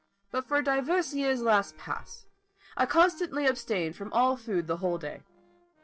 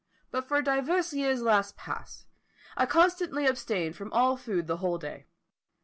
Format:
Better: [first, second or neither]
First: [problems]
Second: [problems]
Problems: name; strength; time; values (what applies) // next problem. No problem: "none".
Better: second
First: noise reduction (neural separator model SepFormer DNS4)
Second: none